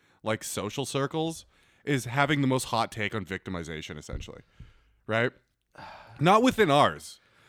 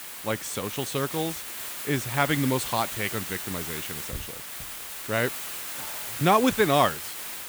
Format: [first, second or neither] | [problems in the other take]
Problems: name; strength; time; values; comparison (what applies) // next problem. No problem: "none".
first | hiss; loud; throughout; 6 dB below the speech